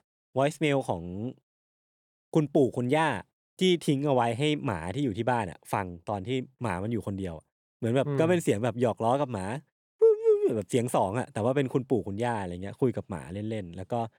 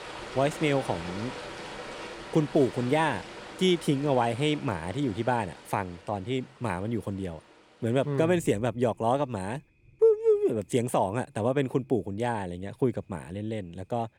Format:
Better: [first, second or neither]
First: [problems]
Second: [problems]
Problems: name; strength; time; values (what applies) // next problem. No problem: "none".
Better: first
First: none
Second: rain or running water; noticeable; throughout; 15 dB below the speech